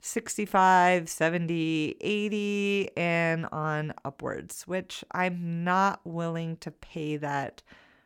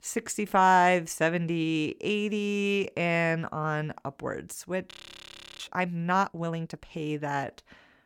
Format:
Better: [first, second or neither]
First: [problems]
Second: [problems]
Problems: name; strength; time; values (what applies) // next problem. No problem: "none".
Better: first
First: none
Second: audio freezing; at 5 s for 0.5 s